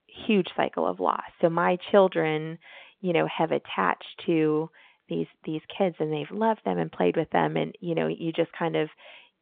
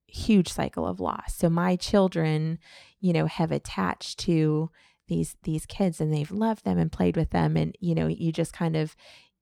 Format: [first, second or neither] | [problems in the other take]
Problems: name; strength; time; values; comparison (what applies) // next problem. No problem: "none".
second | phone-call audio